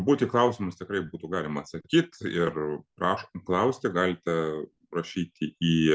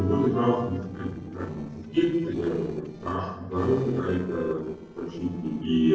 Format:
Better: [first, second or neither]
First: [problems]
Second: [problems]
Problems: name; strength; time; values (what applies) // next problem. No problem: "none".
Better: first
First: none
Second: noise reduction (neural separator model SepFormer DNS4)